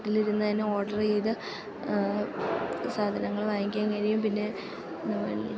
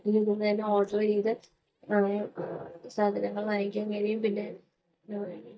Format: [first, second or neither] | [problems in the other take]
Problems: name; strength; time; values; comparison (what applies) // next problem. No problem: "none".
first | noise reduction (neural mask model DeepFilterNet 3)